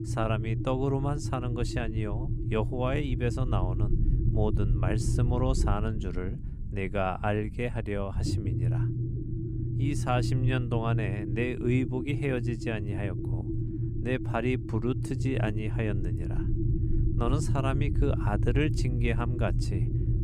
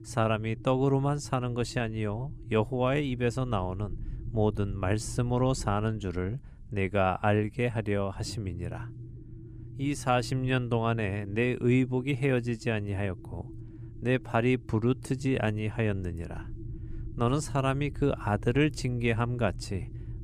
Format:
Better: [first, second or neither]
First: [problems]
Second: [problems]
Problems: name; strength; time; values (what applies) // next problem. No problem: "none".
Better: second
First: low rumble; loud; throughout; 8 dB below the speech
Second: low rumble; faint; throughout; 25 dB below the speech